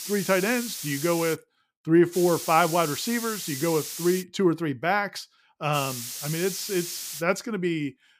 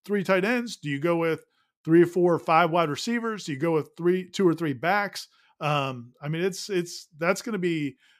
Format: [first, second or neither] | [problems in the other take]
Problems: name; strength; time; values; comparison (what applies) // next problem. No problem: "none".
second | hiss; loud; until 1.5 s, from 2 to 4 s and from 5.5 to 7 s; 8 dB below the speech